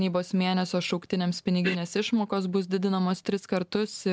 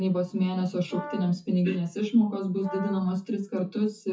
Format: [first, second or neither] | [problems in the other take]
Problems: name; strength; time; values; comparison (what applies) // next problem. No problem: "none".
first | noise reduction (classical method WPE with log-MMSE)